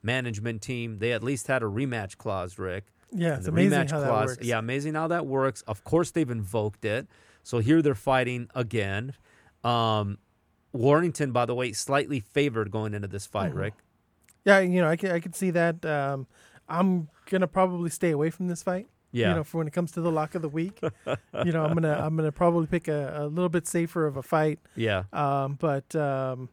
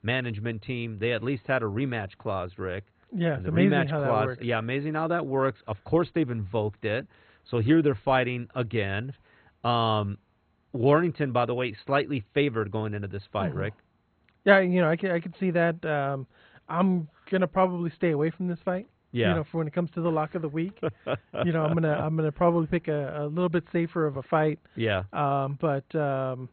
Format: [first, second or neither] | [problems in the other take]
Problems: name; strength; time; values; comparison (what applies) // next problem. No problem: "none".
first | garbled, watery; badly; nothing above 4 kHz